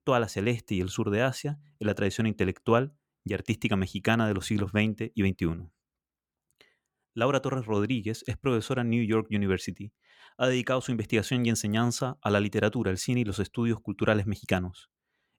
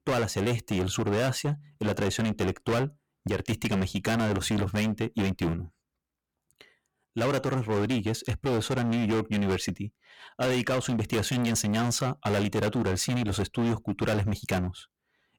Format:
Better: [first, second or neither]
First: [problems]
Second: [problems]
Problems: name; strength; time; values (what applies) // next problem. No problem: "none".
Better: first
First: none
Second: distortion; heavy; 22% of the sound clipped